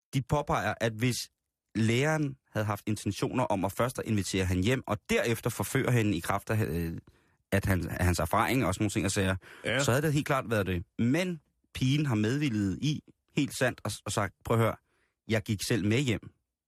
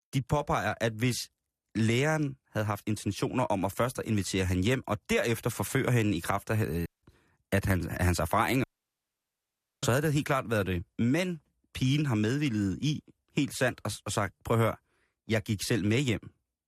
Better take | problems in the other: first | audio cutting out; at 7 s and at 8.5 s for 1 s

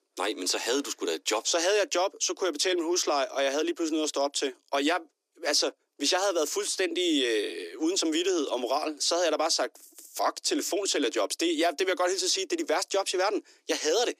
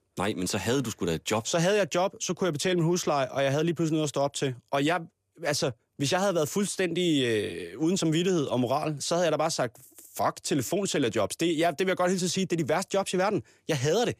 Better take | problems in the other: second | thin; very slightly; fading below 300 Hz

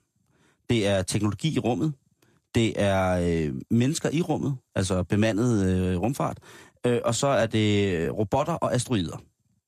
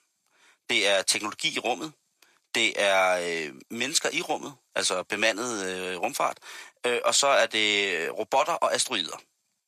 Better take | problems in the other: first | thin; very; fading below 700 Hz

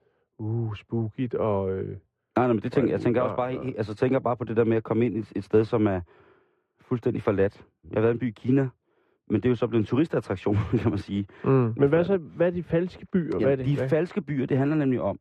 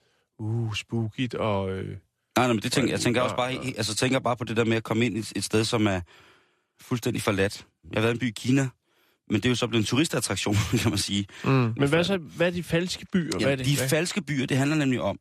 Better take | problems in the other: second | muffled; very; fading above 3 kHz

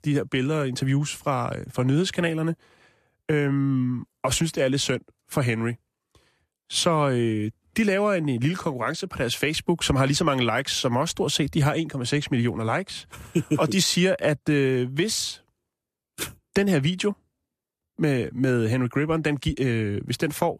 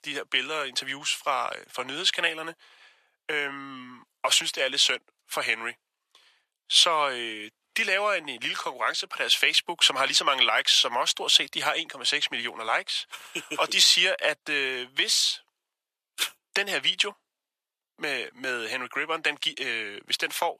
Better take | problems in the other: first | thin; very; fading below 800 Hz

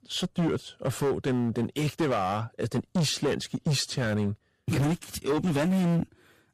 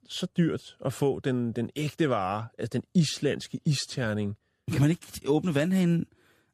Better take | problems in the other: second | distortion; heavy; 15% of the sound clipped

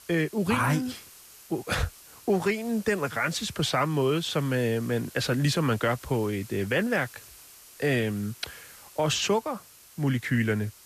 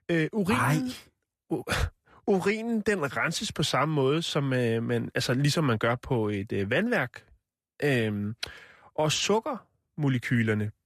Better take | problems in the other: second | hiss; noticeable; throughout; 20 dB below the speech

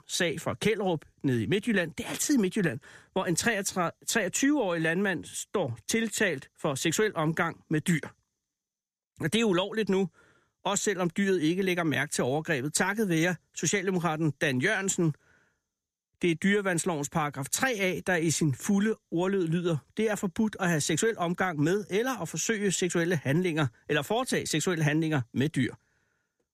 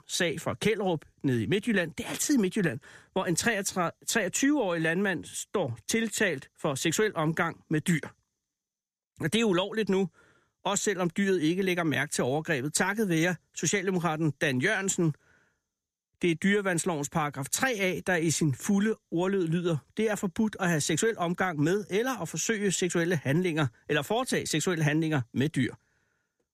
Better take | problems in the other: neither | none

